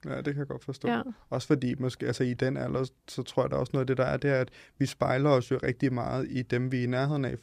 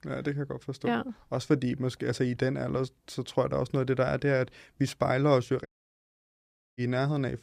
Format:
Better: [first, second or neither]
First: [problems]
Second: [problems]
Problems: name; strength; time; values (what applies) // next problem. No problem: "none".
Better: first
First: none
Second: audio cutting out; at 5.5 s for 1 s